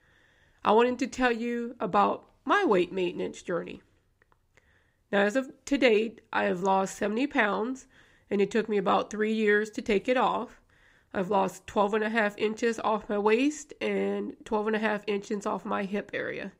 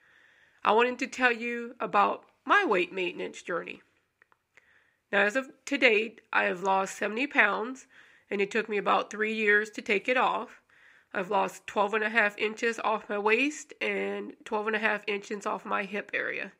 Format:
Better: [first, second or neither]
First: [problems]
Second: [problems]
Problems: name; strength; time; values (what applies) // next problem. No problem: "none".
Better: first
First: none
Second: thin; very slightly; fading below 350 Hz